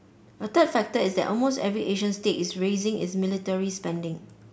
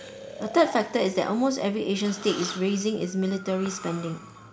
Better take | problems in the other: first | background sound (Breathing + Breathing); 15 dB below the speech

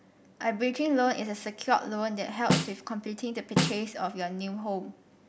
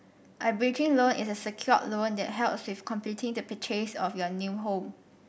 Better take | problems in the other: second | background sound (Snare drum); as loud as the speech

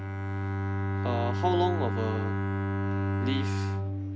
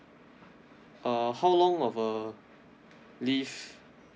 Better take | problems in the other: second | background sound (Bowed string instrument); 5 dB above the speech

